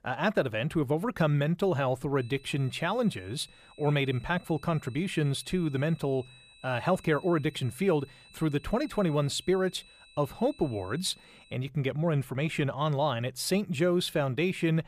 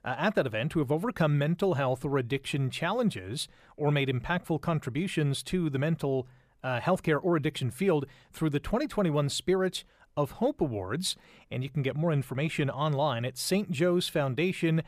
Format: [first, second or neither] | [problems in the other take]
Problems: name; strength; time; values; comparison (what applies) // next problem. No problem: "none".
second | high-pitched whine; faint; from 2 to 12 s; 4 kHz, 25 dB below the speech